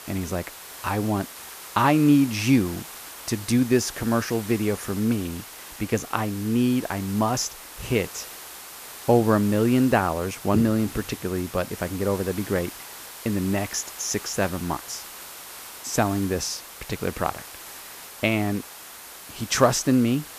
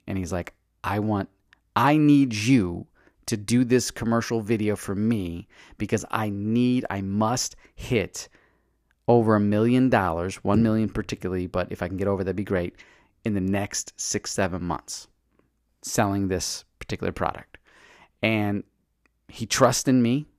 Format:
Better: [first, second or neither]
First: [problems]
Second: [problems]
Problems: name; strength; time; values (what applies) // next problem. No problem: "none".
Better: second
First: hiss; noticeable; throughout; 15 dB below the speech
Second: none